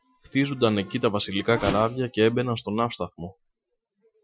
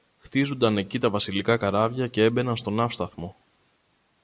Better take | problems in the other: second | noise reduction (classical method Wiener filter)

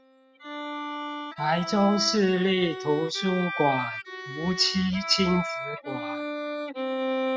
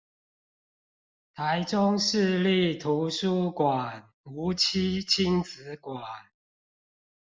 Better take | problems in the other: second | noise reduction (classical method spectral subtraction)

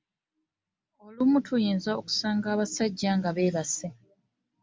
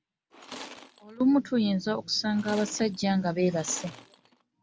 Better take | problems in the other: first | background sound (Tools); 18 dB below the speech

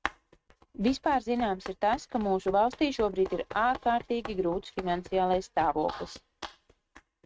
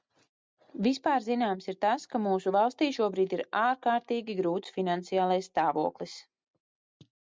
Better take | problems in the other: second | noise reduction (neural mask model RNNoise)

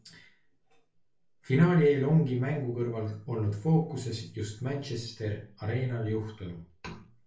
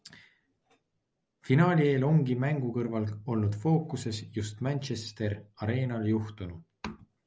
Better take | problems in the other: second | room echo; dies away in 0.3 s

